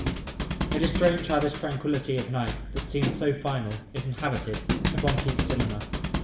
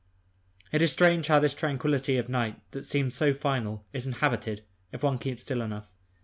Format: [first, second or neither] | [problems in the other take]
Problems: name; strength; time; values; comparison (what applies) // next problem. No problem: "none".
second | background sound (Thump, thud); 2 dB below the speech // room echo; dies away in 0.8 s